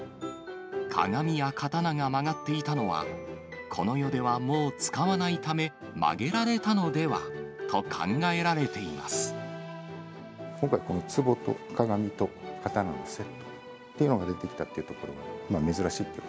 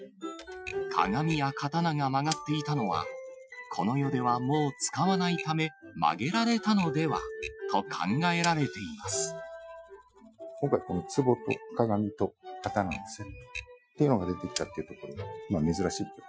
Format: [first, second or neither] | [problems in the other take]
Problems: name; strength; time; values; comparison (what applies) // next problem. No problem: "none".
first | noise reduction (classical method Wiener filter)